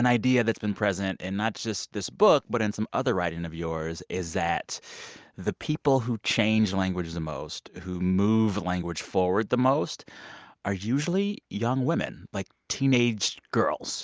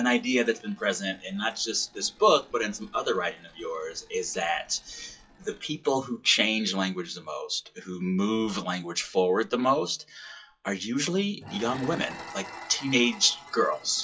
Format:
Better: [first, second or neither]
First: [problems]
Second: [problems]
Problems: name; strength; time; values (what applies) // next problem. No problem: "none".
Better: first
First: none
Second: noise reduction (classical method WPE with log-MMSE)